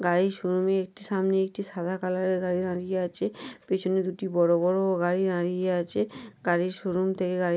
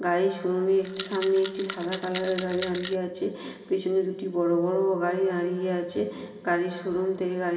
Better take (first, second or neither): first